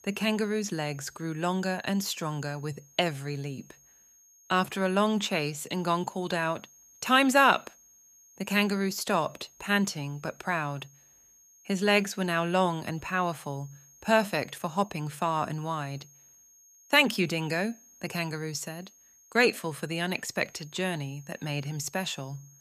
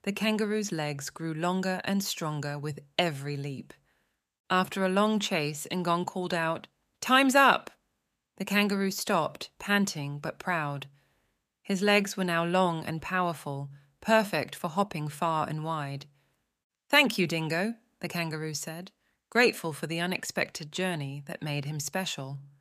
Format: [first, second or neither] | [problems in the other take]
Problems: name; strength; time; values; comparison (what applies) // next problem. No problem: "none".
second | high-pitched whine; faint; throughout; 6.5 kHz, 25 dB below the speech